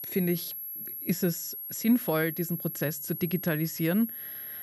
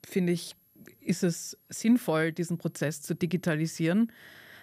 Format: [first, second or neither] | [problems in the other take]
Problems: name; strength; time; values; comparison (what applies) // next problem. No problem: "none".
second | high-pitched whine; loud; throughout; 11.5 kHz, 6 dB below the speech; faint in the second